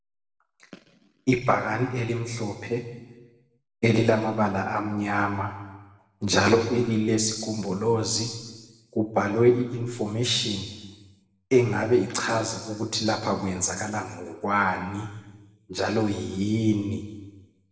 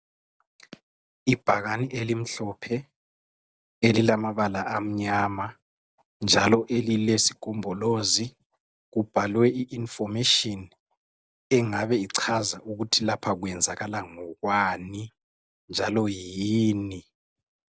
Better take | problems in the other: second | room echo; dies away in 1.2 s

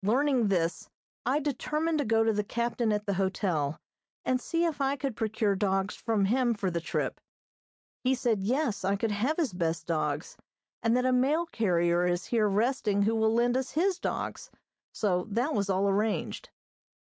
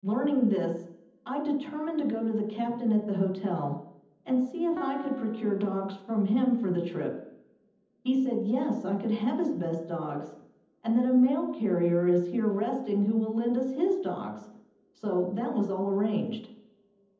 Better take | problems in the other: first | background sound (Piano); 19 dB below the speech // room echo; dies away in 0.8 s

